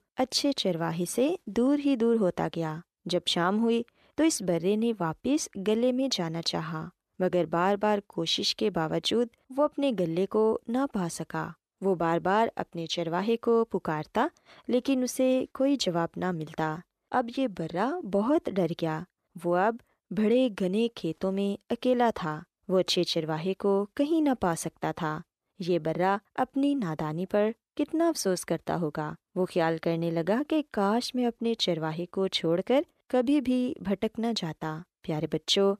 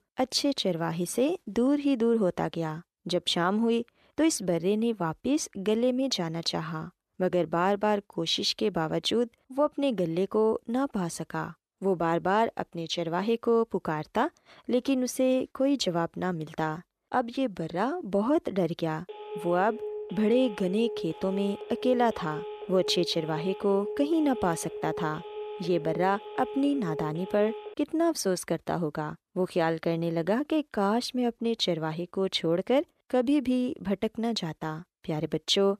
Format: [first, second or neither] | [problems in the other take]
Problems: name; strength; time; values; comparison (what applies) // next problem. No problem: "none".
first | phone ringing; noticeable; from 19 to 28 s; peak 8 dB below the speech